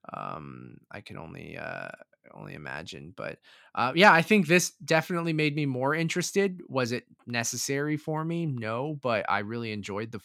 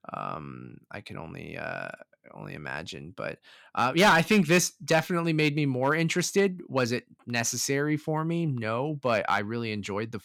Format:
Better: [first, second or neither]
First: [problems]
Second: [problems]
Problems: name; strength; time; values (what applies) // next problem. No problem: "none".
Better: first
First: none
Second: distortion; slight; 1.6% of the sound clipped